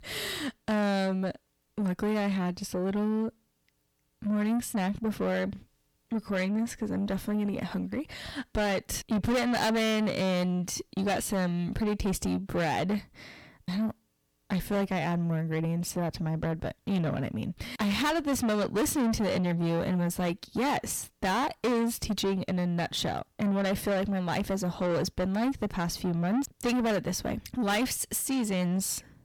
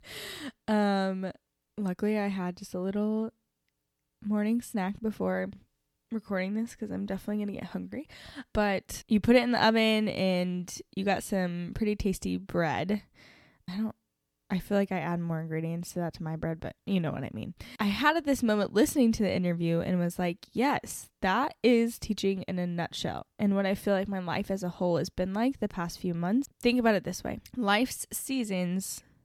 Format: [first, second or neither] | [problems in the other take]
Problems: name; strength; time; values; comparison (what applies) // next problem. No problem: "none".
second | distortion; heavy; 6 dB below the speech